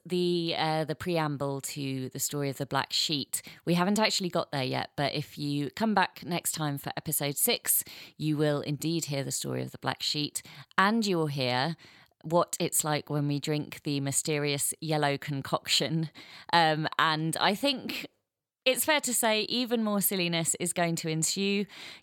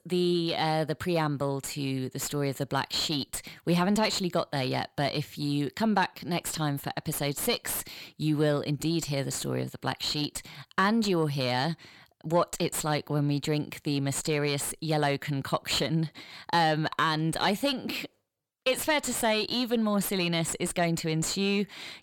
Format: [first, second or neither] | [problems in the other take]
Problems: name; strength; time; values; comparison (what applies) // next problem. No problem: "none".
first | distortion; slight; 10 dB below the speech